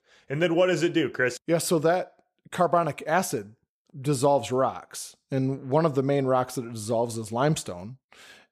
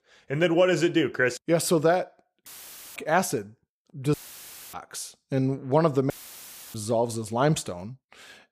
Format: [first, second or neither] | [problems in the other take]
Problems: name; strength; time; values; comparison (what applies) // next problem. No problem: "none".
first | audio cutting out; filled with static; at 2.5 s for 0.5 s, at 4 s for 0.5 s and at 6 s for 0.5 s